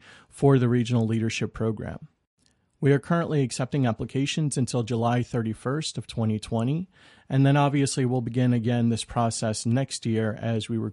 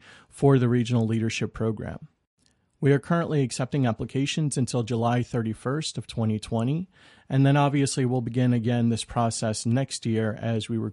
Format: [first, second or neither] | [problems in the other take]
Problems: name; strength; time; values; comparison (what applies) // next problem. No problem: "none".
neither | garbled, watery; slightly; nothing above 10.5 kHz; the same in both